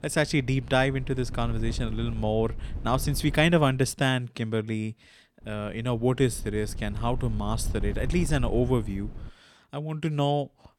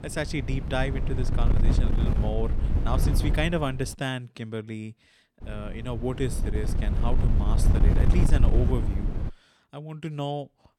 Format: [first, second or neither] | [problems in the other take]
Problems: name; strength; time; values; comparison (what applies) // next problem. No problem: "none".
first | wind noise on the microphone; heavy; until 4 s and from 5.5 to 9.5 s; 5 dB below the speech; occasional gusts in the first